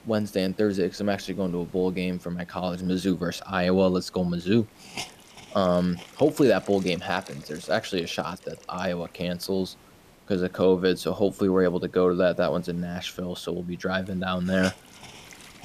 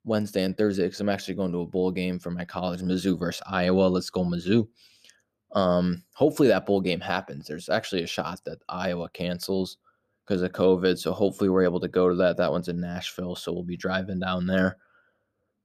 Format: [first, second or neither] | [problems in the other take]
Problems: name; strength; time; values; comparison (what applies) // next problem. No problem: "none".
second | hiss; faint; throughout; 20 dB below the speech